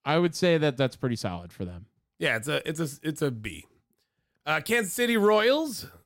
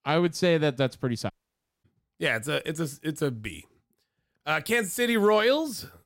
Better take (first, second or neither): first